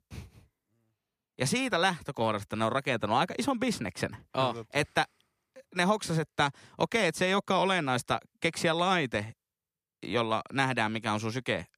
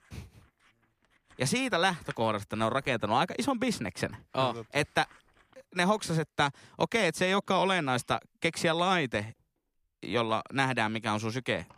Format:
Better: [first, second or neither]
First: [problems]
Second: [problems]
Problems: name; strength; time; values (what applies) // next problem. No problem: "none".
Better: first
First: none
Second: household noises; faint; throughout; 25 dB below the speech